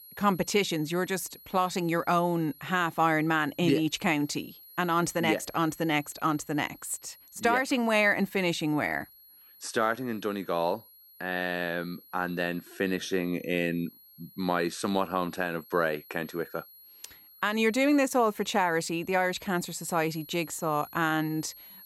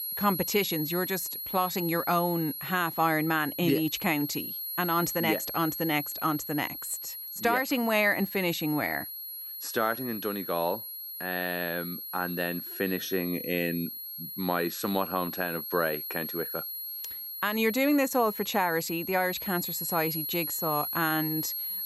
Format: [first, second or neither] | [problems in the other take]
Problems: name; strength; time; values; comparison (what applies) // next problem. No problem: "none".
first | high-pitched whine; loud; throughout; 11.5 kHz, 5 dB below the speech; faint in the first